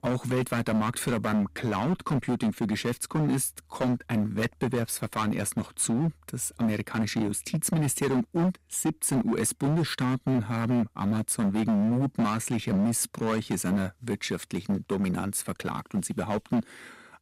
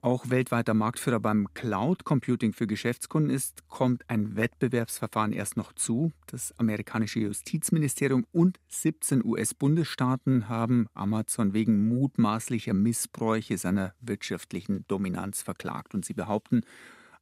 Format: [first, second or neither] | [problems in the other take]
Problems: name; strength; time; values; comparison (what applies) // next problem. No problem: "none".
second | distortion; heavy; 14% of the sound clipped